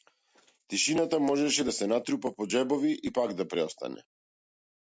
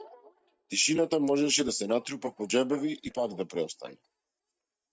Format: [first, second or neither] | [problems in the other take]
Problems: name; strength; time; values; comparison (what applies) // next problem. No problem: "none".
first | noise reduction (neural mask model DeepFilterNet 3)